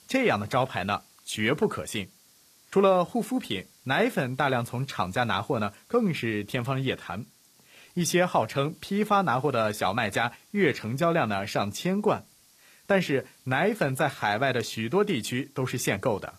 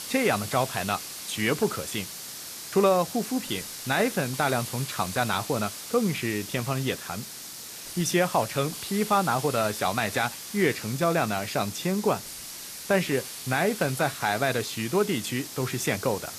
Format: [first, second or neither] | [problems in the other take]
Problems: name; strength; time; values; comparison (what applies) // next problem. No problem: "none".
first | hiss; loud; throughout; 9 dB below the speech; faint in the first